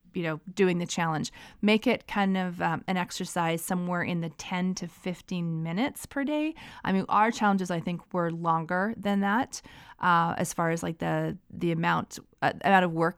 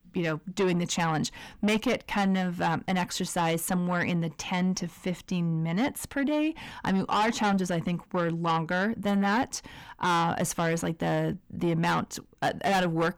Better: first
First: none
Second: distortion; heavy; 8 dB below the speech

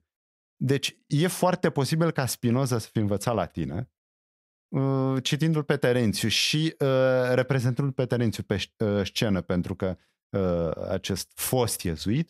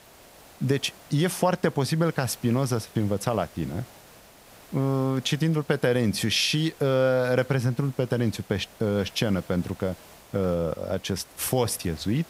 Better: first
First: none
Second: hiss; faint; throughout; 25 dB below the speech

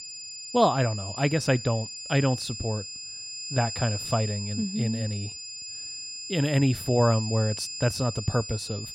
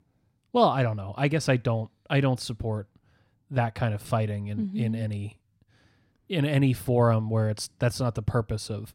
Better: second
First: high-pitched whine; loud; throughout; 5 kHz, 8 dB below the speech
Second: none

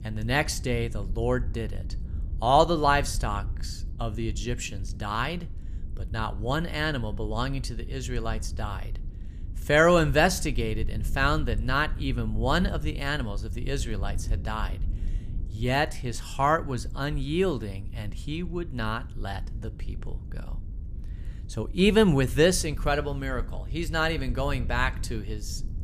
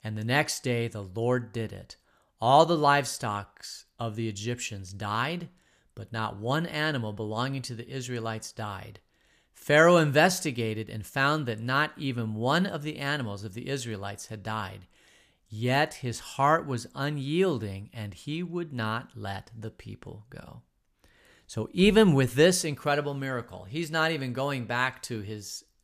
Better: second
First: low rumble; faint; throughout; 25 dB below the speech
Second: none

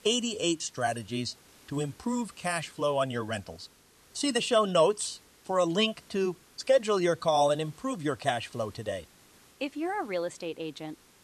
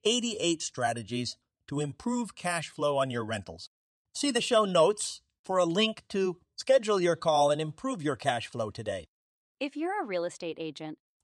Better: second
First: hiss; faint; throughout; 25 dB below the speech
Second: none

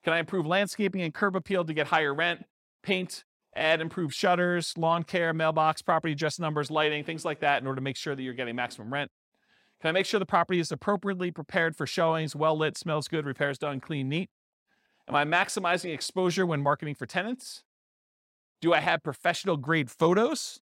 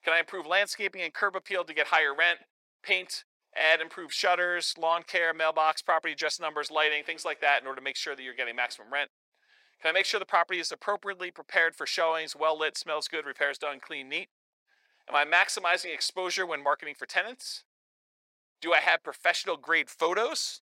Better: first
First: none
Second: thin; very; fading below 500 Hz

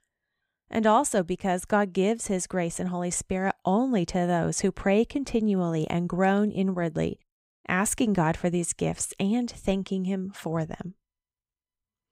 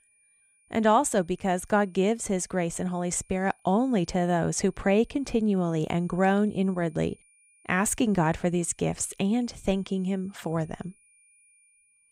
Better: first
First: none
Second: high-pitched whine; faint; throughout; 9.5 kHz, 35 dB below the speech

